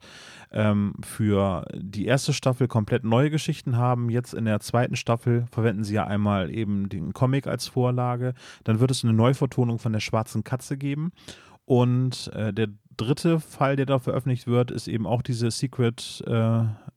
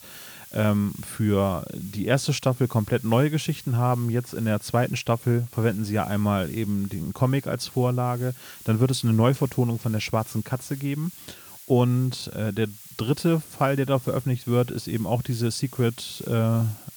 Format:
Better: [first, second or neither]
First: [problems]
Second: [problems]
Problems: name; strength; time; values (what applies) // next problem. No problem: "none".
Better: first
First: none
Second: hiss; noticeable; throughout; 20 dB below the speech